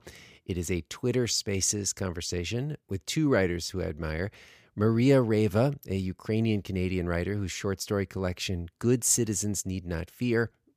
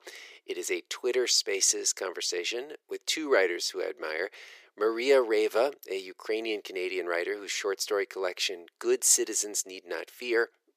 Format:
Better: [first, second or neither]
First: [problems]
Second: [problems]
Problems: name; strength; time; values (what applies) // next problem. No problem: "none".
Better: first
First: none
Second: thin; very; fading below 350 Hz